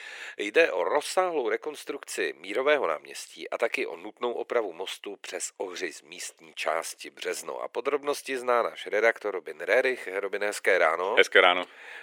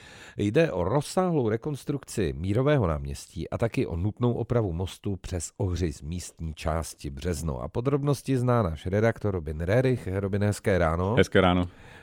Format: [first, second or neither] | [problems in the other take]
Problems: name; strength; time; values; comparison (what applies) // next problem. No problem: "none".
second | thin; very; fading below 400 Hz